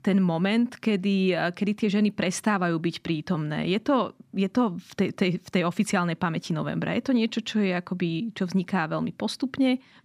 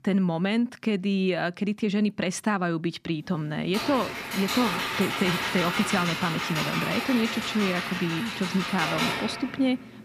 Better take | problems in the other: first | keyboard typing; loud; from 3.5 s on; peak 1 dB above the speech

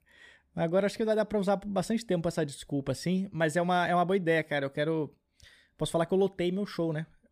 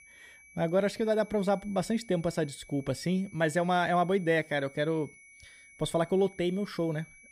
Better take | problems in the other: first | high-pitched whine; faint; throughout; 2.5 kHz, 25 dB below the speech

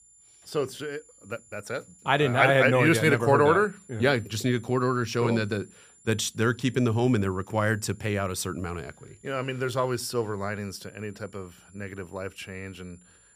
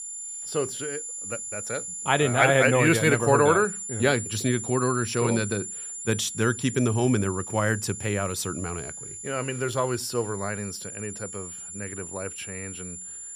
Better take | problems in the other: first | high-pitched whine; loud; throughout; 7 kHz, 9 dB below the speech; faint in the first

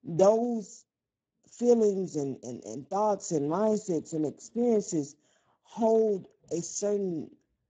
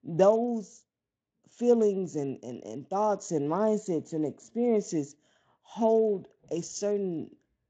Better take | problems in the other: second | garbled, watery; badly; nothing above 7.5 kHz; slightly in the second

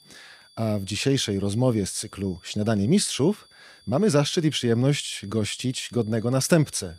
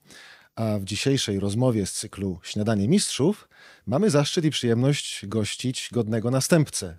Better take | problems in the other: second | high-pitched whine; faint; throughout; 4.5 kHz, 30 dB below the speech

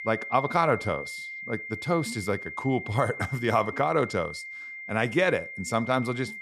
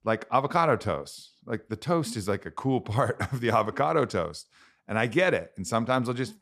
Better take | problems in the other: second | high-pitched whine; loud; throughout; 2 kHz, 9 dB below the speech

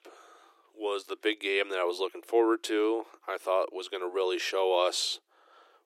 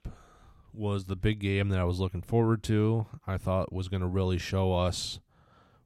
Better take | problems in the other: second | thin; very; fading below 350 Hz

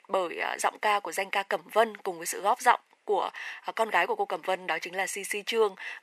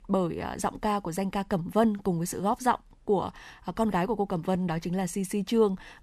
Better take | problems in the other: second | thin; very; fading below 450 Hz

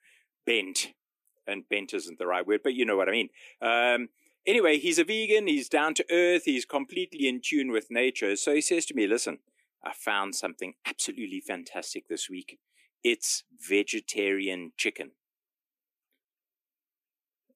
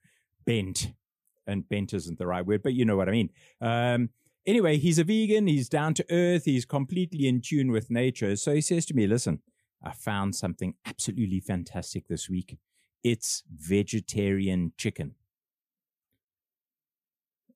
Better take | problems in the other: second | thin; somewhat; fading below 300 Hz

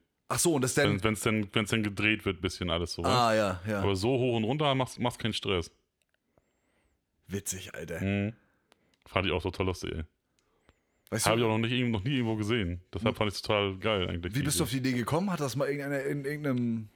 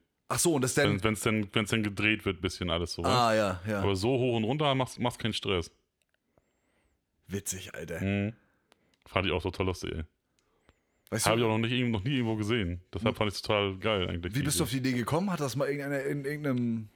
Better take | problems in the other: neither | none

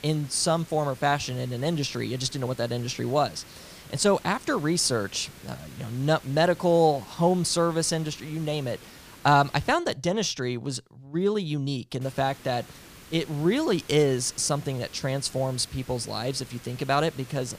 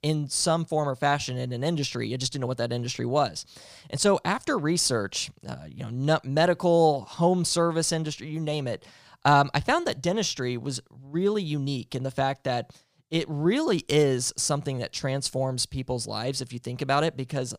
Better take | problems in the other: second | hiss; faint; until 10 s and from 12 s on; 20 dB below the speech

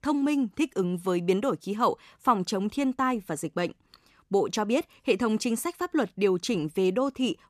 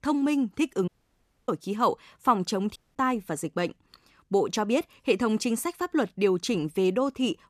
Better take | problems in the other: first | audio cutting out; at 1 s for 0.5 s and at 3 s

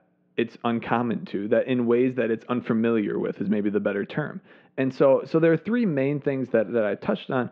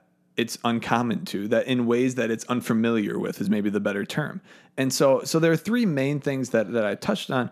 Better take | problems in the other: second | muffled; very; fading above 3 kHz

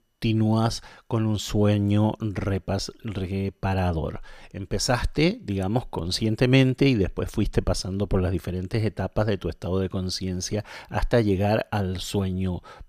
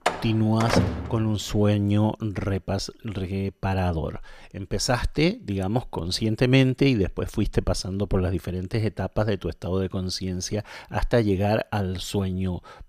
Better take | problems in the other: first | door banging; loud; until 1 s; peak 2 dB above the speech

